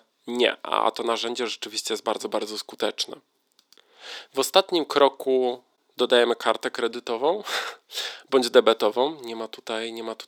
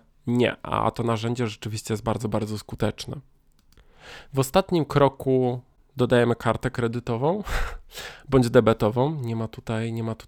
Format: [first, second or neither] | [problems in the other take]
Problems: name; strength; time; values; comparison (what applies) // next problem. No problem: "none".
second | thin; somewhat; fading below 300 Hz